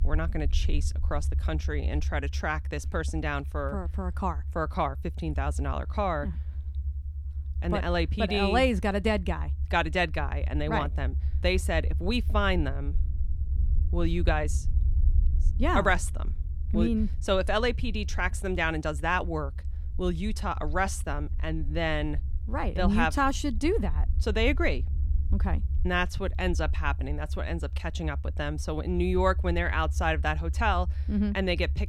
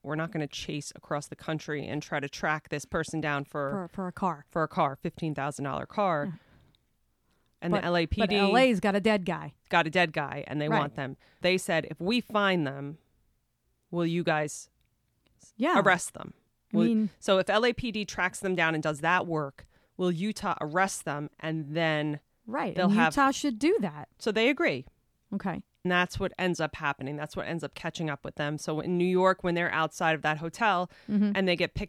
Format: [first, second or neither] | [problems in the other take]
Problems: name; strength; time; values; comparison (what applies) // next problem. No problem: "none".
second | low rumble; faint; throughout; 20 dB below the speech